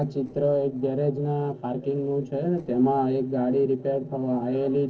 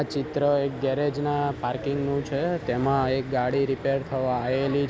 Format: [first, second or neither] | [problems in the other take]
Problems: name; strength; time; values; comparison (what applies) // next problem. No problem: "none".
second | noise reduction (neural separator model SepFormer DNS4)